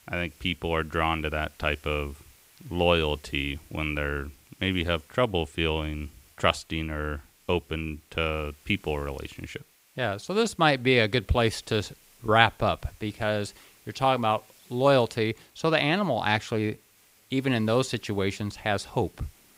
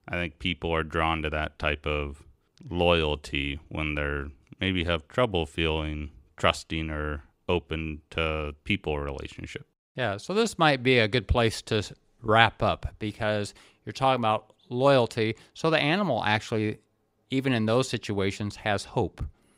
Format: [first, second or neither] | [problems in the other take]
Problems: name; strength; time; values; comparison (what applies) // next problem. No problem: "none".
second | hiss; faint; throughout; 30 dB below the speech